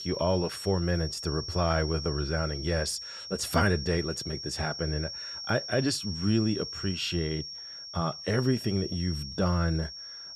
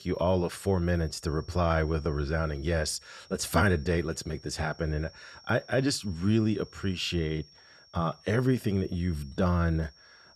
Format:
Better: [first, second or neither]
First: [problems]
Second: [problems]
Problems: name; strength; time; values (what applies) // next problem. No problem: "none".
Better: second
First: high-pitched whine; loud; throughout; 5.5 kHz, 7 dB below the speech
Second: high-pitched whine; faint; throughout; 5.5 kHz, 25 dB below the speech